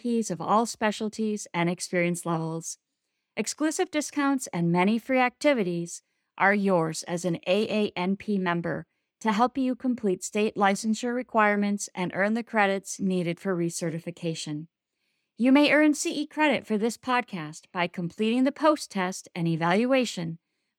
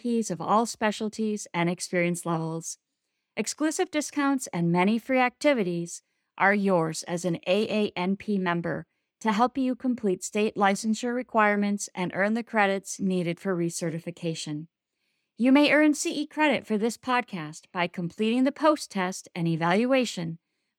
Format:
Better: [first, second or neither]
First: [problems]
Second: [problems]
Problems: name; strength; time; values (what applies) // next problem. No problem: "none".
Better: neither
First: none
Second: none